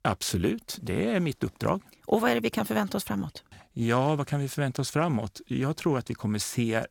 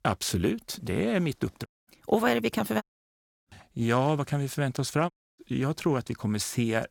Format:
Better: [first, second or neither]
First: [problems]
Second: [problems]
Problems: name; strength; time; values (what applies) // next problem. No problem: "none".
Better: first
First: none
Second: audio cutting out; at 1.5 s, at 3 s for 0.5 s and at 5 s